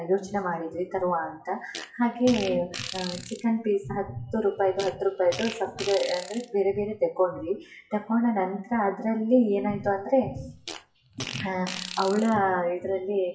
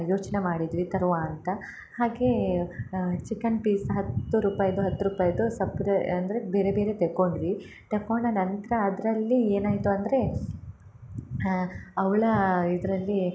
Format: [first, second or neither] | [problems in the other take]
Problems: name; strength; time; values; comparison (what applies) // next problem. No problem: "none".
second | noise reduction (classical method WPE with log-MMSE)